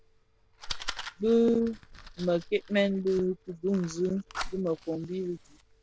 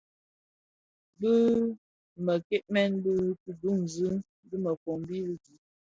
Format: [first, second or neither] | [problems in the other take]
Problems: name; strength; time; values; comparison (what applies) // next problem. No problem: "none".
second | background sound (Fire); 13 dB below the speech